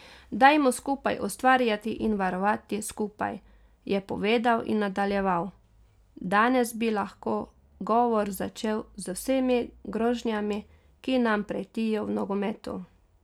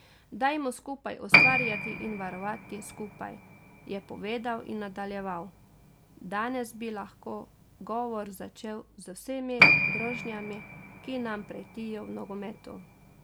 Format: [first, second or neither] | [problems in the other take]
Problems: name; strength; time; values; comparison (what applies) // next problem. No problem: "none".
first | background sound (Piano); 4 dB above the speech